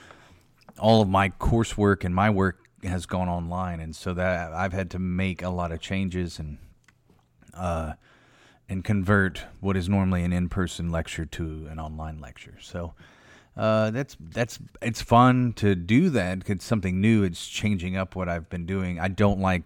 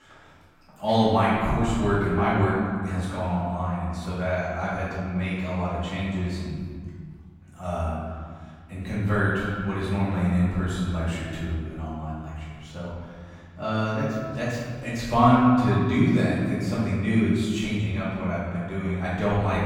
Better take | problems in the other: first | room echo; strong; dies away in 1.9 s // off-mic speech; far

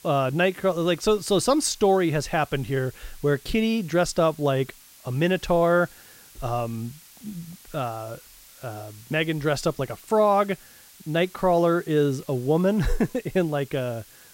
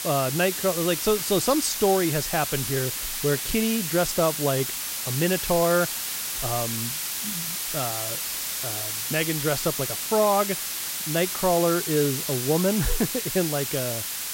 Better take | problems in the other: first | hiss; loud; throughout; 2 dB below the speech; faint in the first

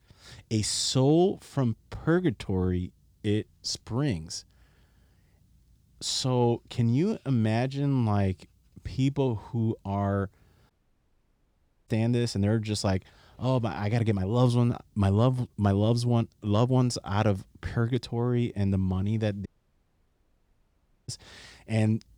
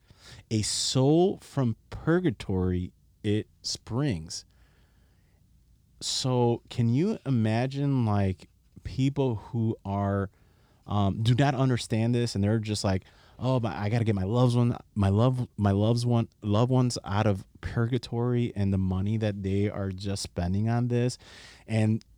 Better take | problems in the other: second | audio cutting out; at 11 s for 1 s and at 19 s for 1.5 s

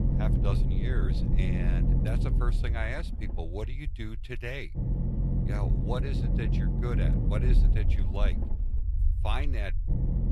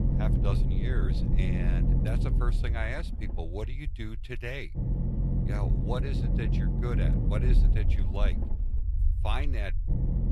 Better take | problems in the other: neither | low rumble; loud; throughout; 2 dB below the speech; the same in both

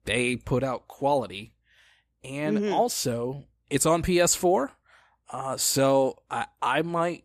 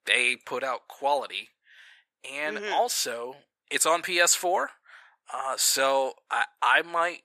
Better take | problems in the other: first | thin; very; fading below 650 Hz

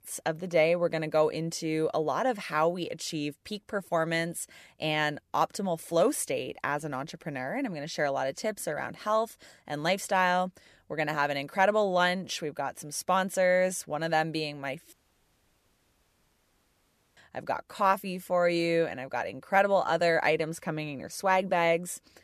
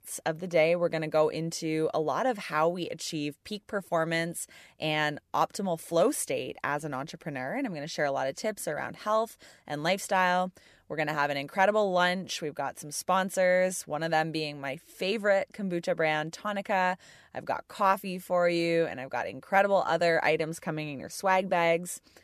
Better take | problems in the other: second | audio cutting out; at 15 s for 2 s

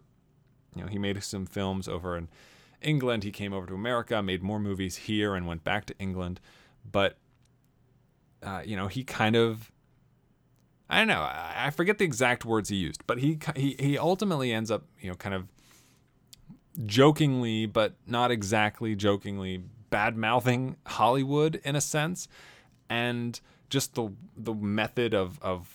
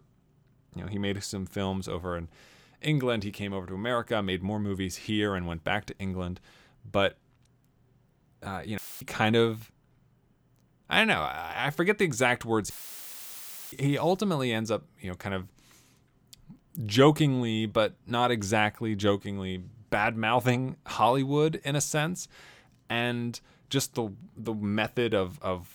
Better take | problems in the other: first | audio cutting out; filled with static; at 9 s and at 13 s for 1 s

